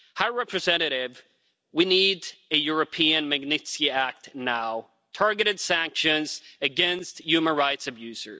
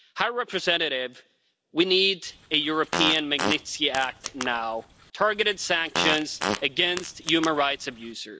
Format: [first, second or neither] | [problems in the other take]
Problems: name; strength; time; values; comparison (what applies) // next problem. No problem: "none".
first | background sound (Fart); 7 dB below the speech